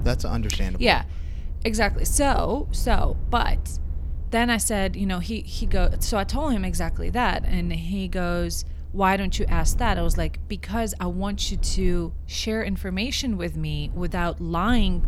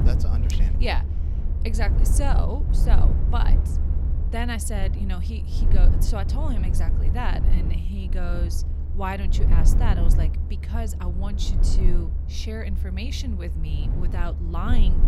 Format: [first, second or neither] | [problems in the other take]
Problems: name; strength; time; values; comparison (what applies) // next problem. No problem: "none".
first | low rumble; loud; throughout; 7 dB below the speech; faint in the first